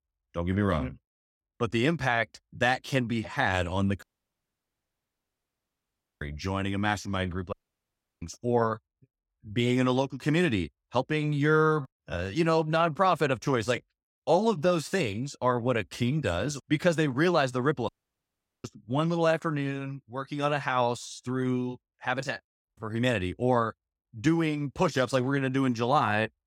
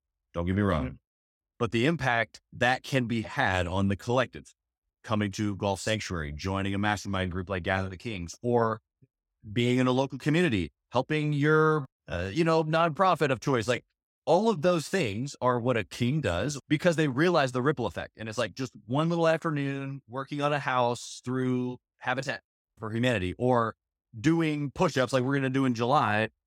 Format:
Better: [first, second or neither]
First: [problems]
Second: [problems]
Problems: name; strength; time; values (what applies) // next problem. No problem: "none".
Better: second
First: audio cutting out; at 4 s for 2 s, at 7.5 s for 0.5 s and at 18 s for 1 s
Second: none